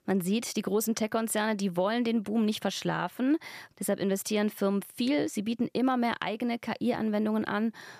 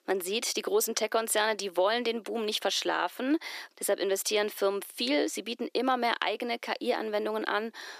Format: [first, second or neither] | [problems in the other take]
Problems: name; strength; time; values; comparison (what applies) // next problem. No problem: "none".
first | thin; somewhat; fading below 300 Hz